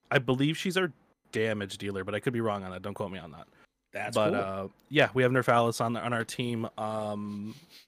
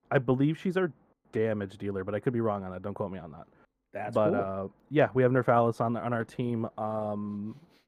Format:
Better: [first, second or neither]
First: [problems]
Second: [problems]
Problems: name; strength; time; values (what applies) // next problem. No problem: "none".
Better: first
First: none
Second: muffled; very; fading above 2 kHz